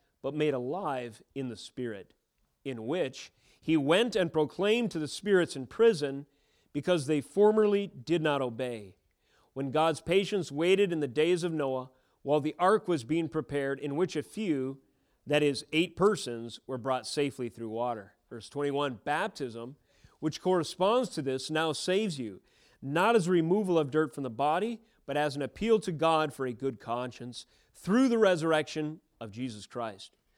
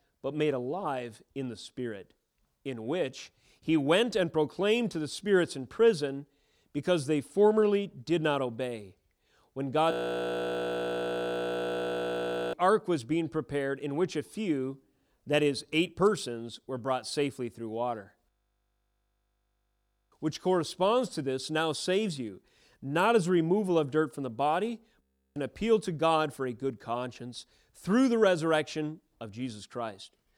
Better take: first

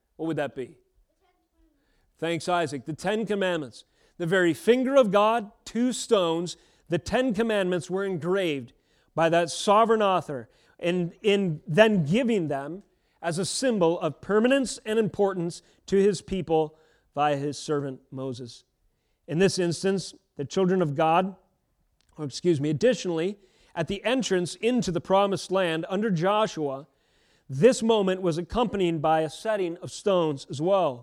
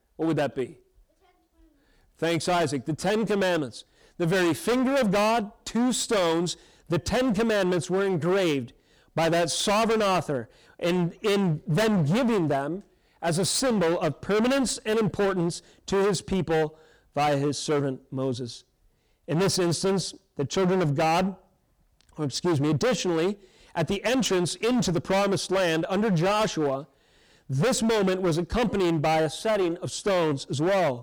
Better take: first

